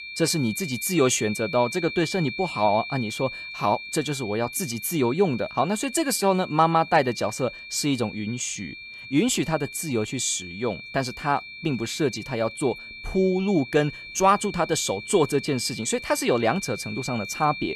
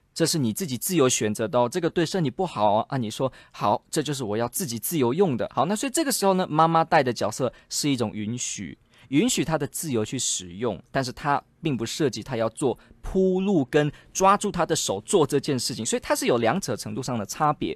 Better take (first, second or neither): second